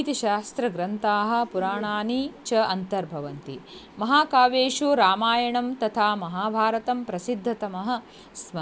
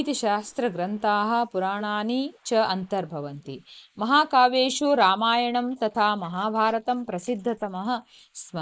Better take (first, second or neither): first